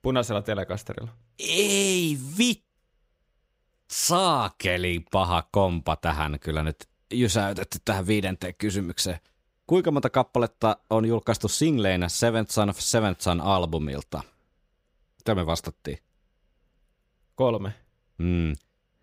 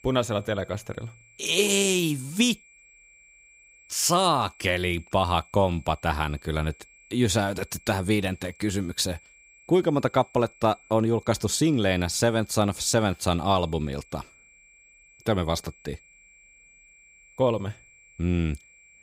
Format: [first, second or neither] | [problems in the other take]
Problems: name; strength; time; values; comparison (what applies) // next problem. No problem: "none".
first | high-pitched whine; faint; throughout; 2.5 kHz, 25 dB below the speech